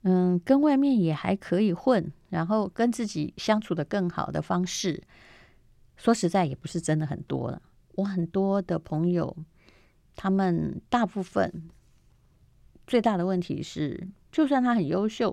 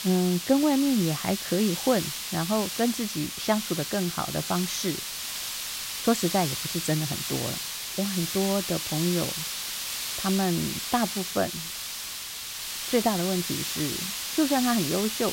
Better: first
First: none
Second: hiss; loud; throughout; 3 dB below the speech

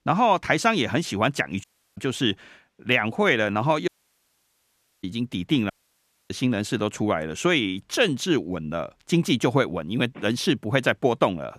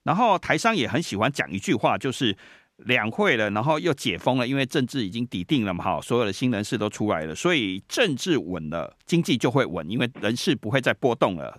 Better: second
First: audio cutting out; at 1.5 s, at 4 s for 1 s and at 5.5 s for 0.5 s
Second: none

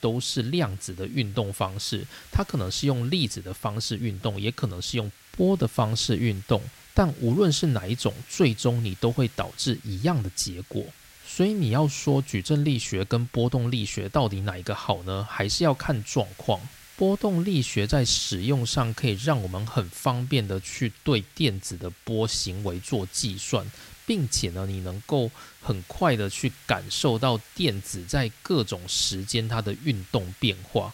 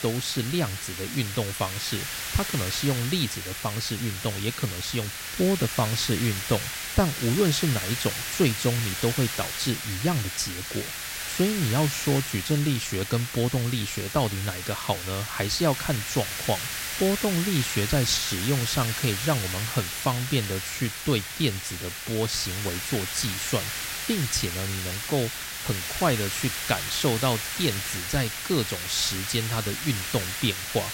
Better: first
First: hiss; faint; throughout; 20 dB below the speech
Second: hiss; loud; throughout; 3 dB below the speech

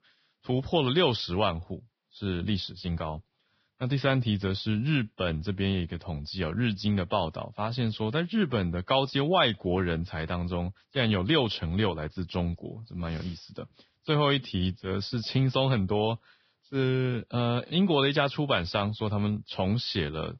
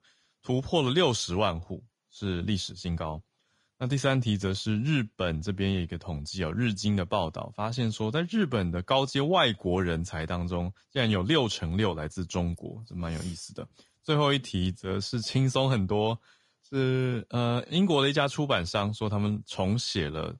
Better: second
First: garbled, watery; badly; nothing above 5.5 kHz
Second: garbled, watery; slightly; nothing above 10.5 kHz

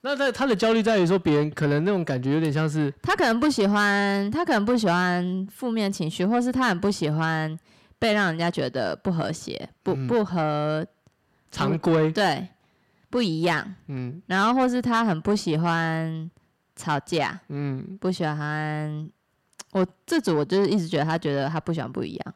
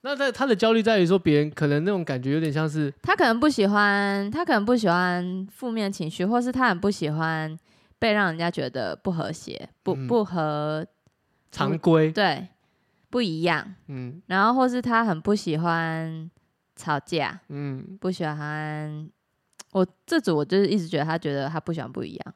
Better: second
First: distortion; slight; 10 dB below the speech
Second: none

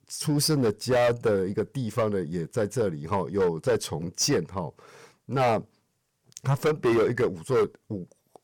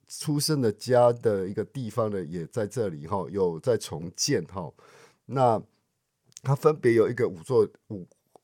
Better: second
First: distortion; heavy; 9% of the sound clipped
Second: none

